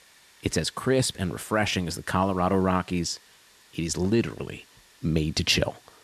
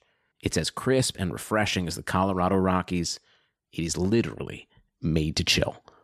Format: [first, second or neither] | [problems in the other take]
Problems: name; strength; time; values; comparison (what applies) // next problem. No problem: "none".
second | hiss; faint; throughout; 25 dB below the speech